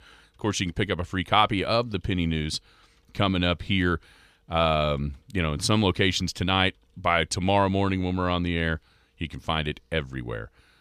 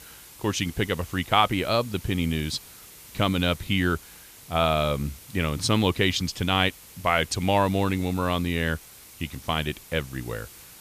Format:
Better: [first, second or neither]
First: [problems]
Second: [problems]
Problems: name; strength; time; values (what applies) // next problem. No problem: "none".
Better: first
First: none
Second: hiss; noticeable; throughout; 20 dB below the speech